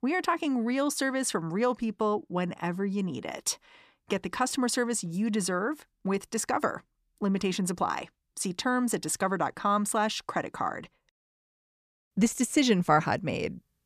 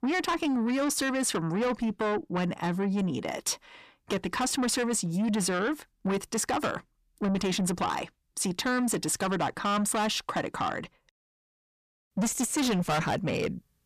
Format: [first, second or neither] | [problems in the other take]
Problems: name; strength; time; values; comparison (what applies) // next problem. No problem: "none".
first | distortion; heavy; 7 dB below the speech